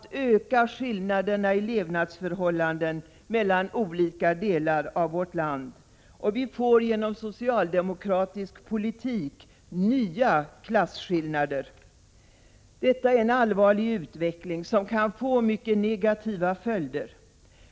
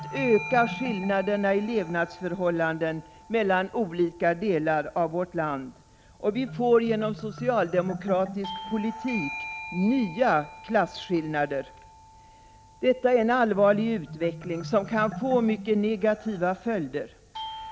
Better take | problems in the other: first | background sound (Bell / Doorbell + Marimba, xylophone); 14 dB below the speech

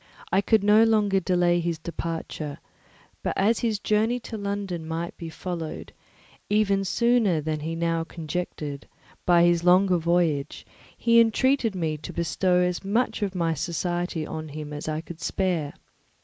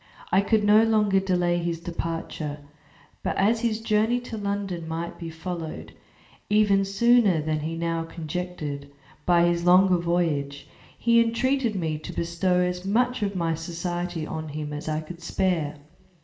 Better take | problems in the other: first | room echo; dies away in 0.9 s

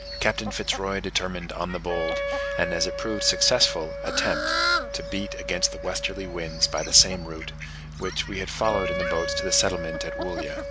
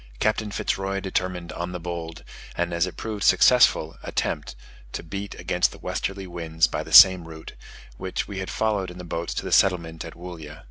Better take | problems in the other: second | background sound (Wind instrument, woodwind instrument + Fowl); 4 dB below the speech

